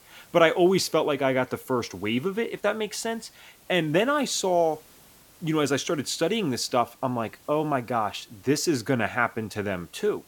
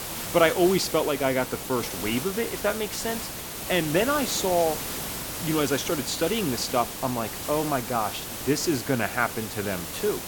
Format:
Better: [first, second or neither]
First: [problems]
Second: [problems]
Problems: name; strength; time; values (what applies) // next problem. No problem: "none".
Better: first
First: hiss; faint; throughout; 25 dB below the speech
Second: hiss; loud; throughout; 6 dB below the speech